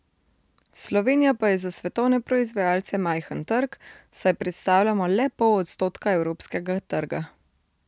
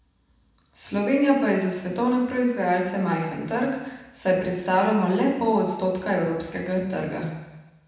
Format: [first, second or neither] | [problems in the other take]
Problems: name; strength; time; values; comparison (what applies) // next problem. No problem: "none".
first | room echo; dies away in 1.1 s